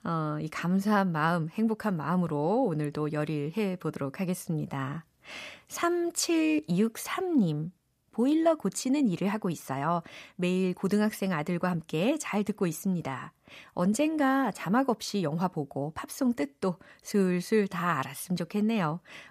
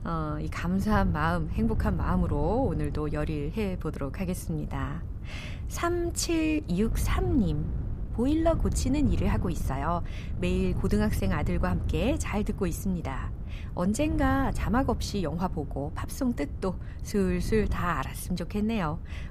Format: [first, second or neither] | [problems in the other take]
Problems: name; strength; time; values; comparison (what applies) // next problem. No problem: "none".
first | wind noise on the microphone; occasional gusts; 15 dB below the speech